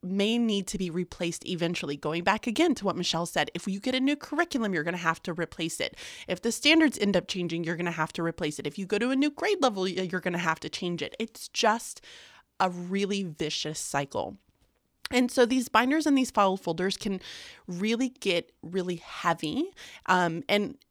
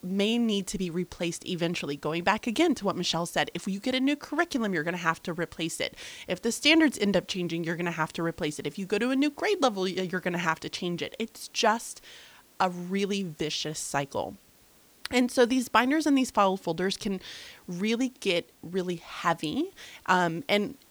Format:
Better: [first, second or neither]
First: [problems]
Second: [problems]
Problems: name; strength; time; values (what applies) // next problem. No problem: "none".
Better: first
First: none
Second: hiss; faint; throughout; 30 dB below the speech